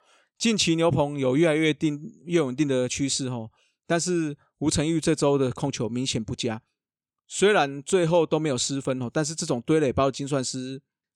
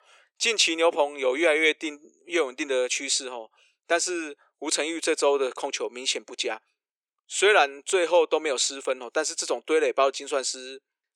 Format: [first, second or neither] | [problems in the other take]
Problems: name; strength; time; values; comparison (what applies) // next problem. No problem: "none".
first | thin; very; fading below 400 Hz